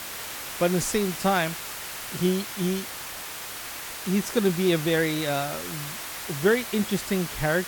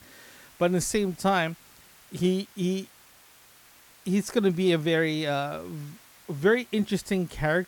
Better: second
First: hiss; loud; throughout; 7 dB below the speech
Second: hiss; faint; throughout; 25 dB below the speech

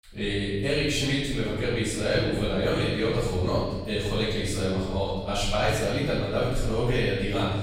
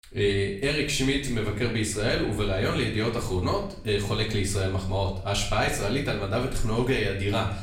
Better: second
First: room echo; strong; dies away in 1.4 s // off-mic speech; far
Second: room echo; slight; dies away in 0.6 s // off-mic speech; far

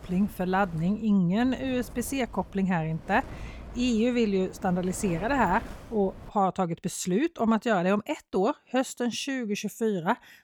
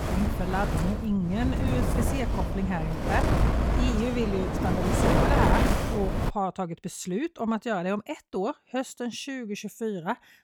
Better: first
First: wind noise on the microphone; occasional gusts; until 6.5 s; 20 dB below the speech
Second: wind noise on the microphone; heavy; until 6.5 s; 2 dB above the speech

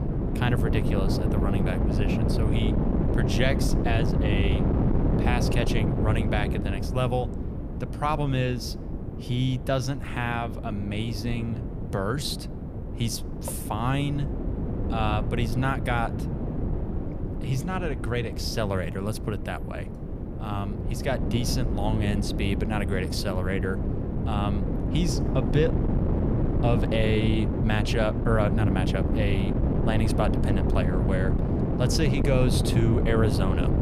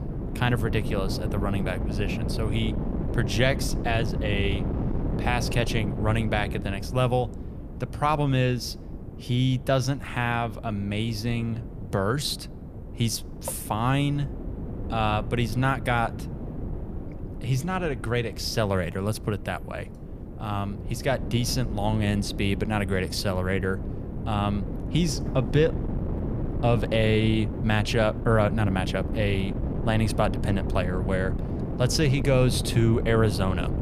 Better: second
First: wind noise on the microphone; heavy; 4 dB below the speech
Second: wind noise on the microphone; occasional gusts; 10 dB below the speech

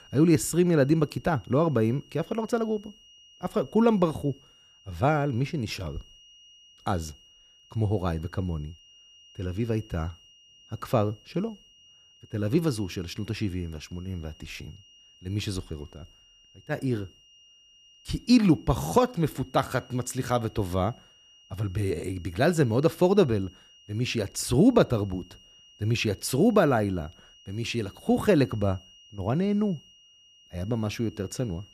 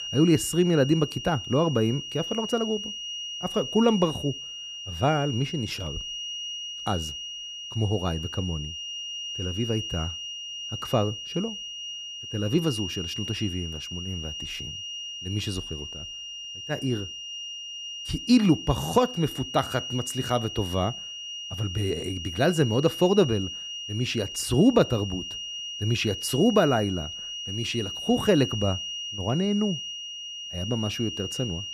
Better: first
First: high-pitched whine; faint; throughout; 3 kHz, 25 dB below the speech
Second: high-pitched whine; loud; throughout; 3 kHz, 7 dB below the speech

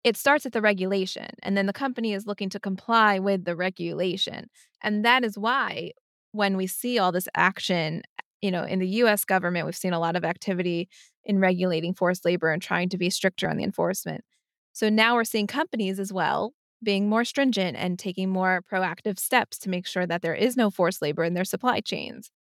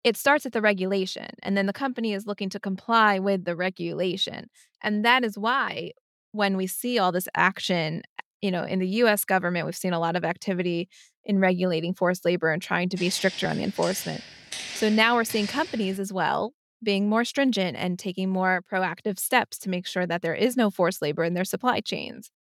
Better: first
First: none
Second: footsteps; noticeable; from 13 to 16 s; peak 7 dB below the speech

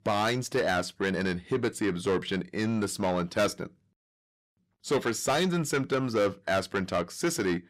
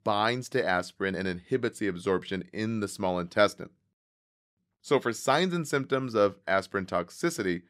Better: second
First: distortion; heavy; 8 dB below the speech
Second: none

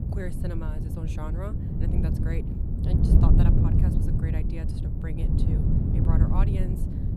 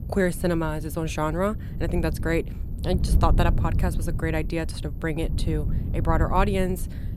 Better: second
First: wind noise on the microphone; heavy; 4 dB above the speech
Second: wind noise on the microphone; occasional gusts; 15 dB below the speech

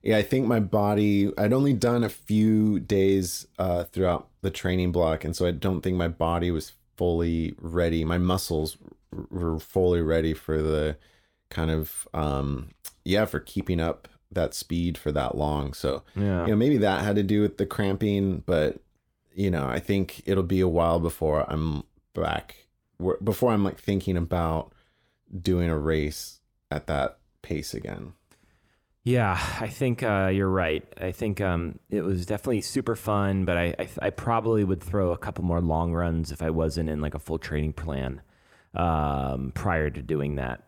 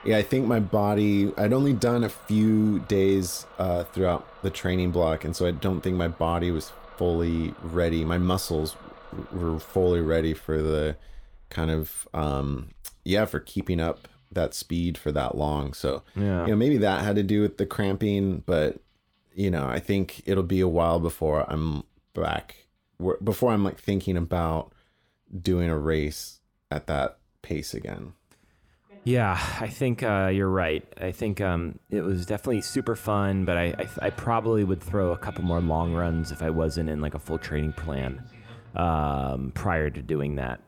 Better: first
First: none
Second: traffic noise; faint; throughout; 20 dB below the speech

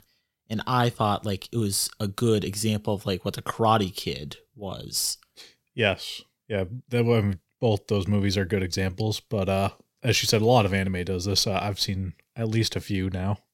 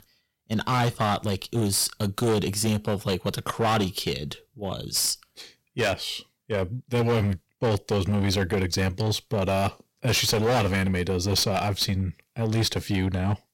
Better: first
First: none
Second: distortion; heavy; 11% of the sound clipped

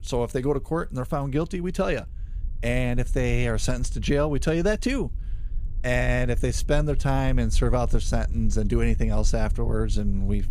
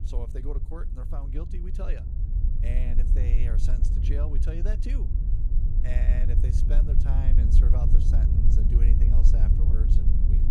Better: first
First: low rumble; faint; throughout; 25 dB below the speech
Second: low rumble; loud; throughout; as loud as the speech

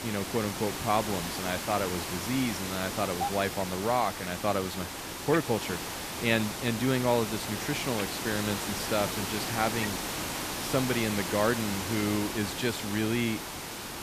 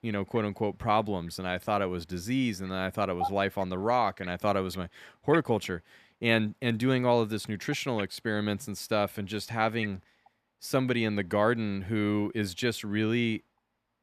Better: second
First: hiss; loud; throughout; 3 dB below the speech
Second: none

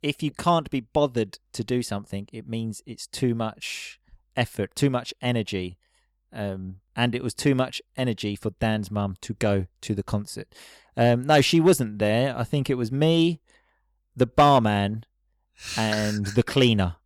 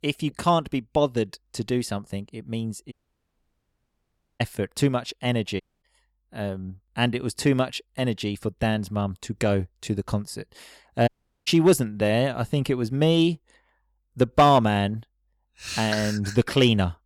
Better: first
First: none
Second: audio cutting out; at 3 s for 1.5 s, at 5.5 s and at 11 s

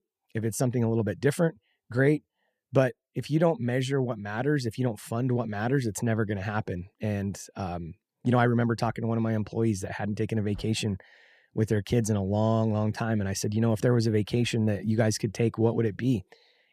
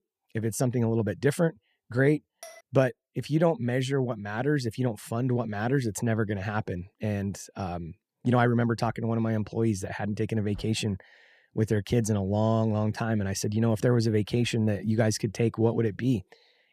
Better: first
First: none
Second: clattering dishes; faint; at 2.5 s; peak 20 dB below the speech

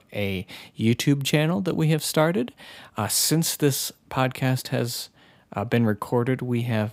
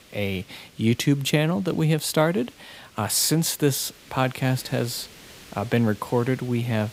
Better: first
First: none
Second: hiss; faint; throughout; 25 dB below the speech

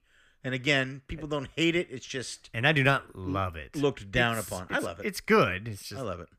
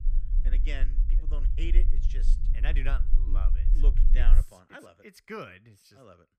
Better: first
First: none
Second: low rumble; loud; until 4.5 s; 9 dB below the speech

